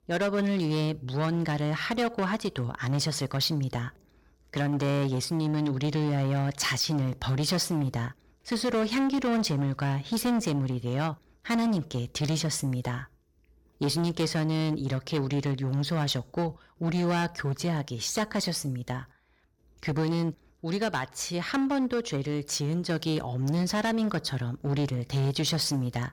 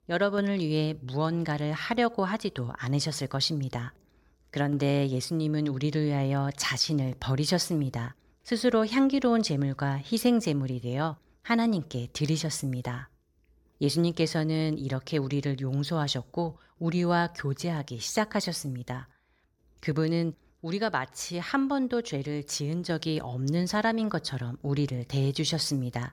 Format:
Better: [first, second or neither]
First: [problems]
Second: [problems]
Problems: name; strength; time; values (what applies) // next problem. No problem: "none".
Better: second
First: distortion; slight; 14% of the sound clipped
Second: none